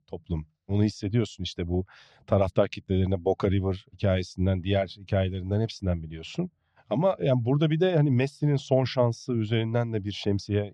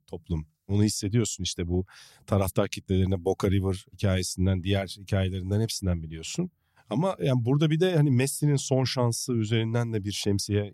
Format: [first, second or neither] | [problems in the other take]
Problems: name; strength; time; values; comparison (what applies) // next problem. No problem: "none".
second | muffled; slightly; fading above 4 kHz